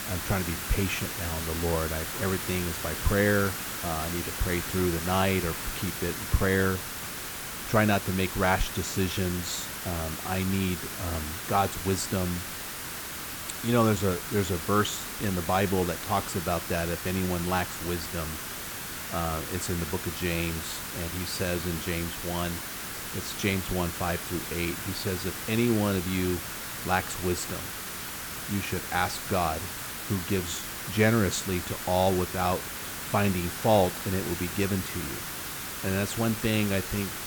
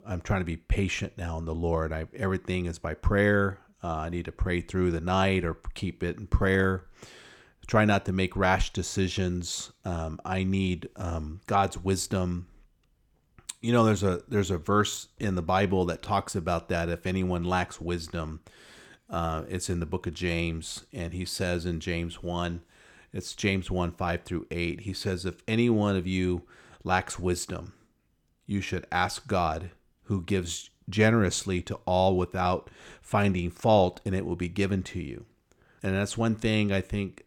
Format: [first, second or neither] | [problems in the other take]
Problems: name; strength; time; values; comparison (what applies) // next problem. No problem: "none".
second | hiss; loud; throughout; 5 dB below the speech